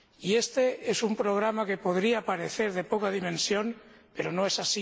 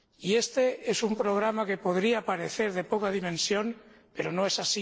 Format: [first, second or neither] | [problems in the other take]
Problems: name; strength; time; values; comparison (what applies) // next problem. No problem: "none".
first | noise reduction (neural separator model SepFormer DNS4)